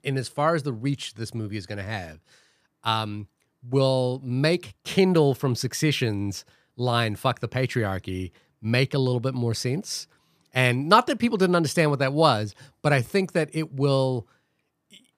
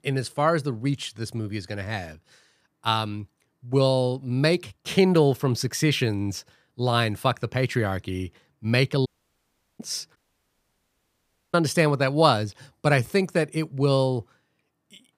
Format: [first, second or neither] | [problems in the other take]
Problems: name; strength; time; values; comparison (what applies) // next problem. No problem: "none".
first | audio cutting out; at 9 s for 0.5 s and at 10 s for 1.5 s